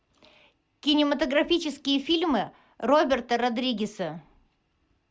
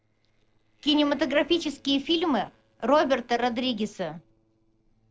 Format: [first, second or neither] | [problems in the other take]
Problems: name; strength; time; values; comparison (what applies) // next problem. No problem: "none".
first | noise reduction (neural separator model SepFormer DNS4)